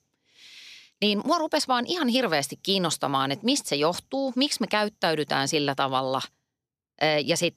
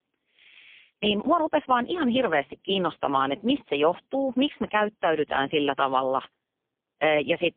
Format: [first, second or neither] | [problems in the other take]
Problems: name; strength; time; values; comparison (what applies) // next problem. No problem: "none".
first | phone-call audio; poor line; nothing above 3.5 kHz